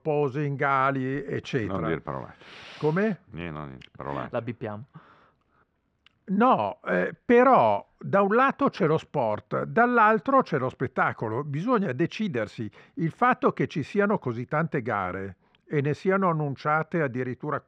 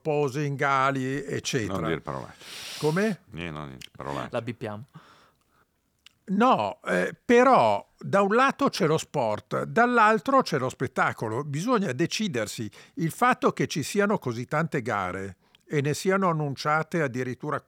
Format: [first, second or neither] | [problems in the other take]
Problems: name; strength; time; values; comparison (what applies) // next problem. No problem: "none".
second | muffled; slightly; fading above 2.5 kHz